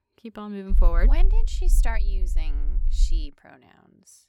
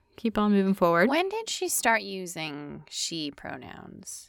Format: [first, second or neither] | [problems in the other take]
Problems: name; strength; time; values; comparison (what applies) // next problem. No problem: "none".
second | low rumble; noticeable; from 0.5 to 3 s; 15 dB below the speech